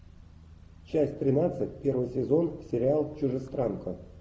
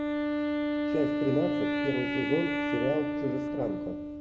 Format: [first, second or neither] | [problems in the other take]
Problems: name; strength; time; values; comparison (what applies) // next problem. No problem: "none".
first | background sound (Wind instrument, woodwind instrument); 3 dB above the speech